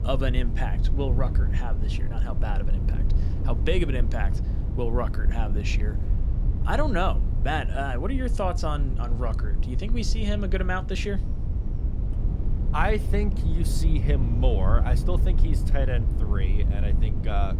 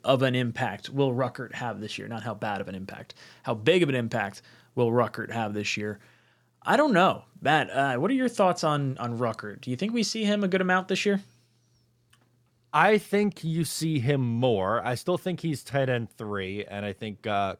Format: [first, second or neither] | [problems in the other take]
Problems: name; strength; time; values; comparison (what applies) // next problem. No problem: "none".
second | low rumble; noticeable; throughout; 10 dB below the speech